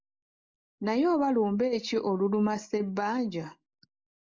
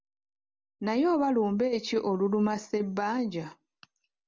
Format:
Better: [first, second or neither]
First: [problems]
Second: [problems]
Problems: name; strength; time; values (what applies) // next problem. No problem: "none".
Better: second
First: noise reduction (neural mask model Resemble Enhance denoiser)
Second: none